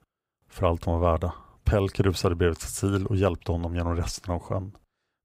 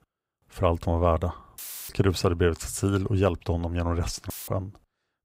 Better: first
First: none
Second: audio cutting out; filled with static; at 1.5 s and at 4.5 s

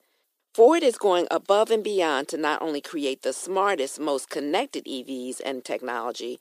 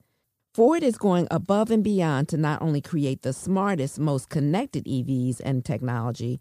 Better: second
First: thin; very; fading below 350 Hz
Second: none

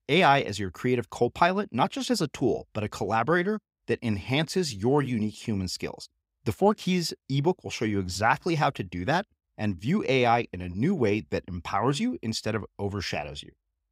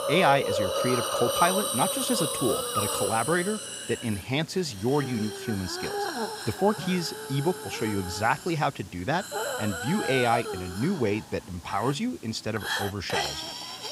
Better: first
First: none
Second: hiss; loud; throughout; 2 dB below the speech

